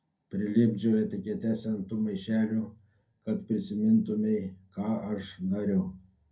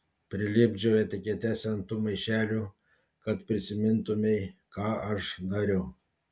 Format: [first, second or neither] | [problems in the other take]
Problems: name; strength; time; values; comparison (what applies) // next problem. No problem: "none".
second | room echo; dies away in 0.2 s